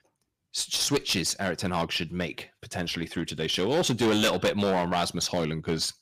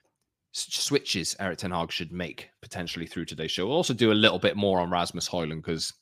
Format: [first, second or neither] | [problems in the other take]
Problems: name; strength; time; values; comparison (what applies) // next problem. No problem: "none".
second | distortion; heavy; 8% of the sound clipped